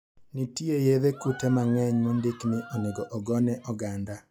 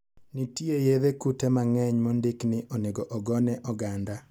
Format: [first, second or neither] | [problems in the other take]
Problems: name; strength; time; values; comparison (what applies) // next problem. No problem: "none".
second | noise reduction (classical method log-MMSE)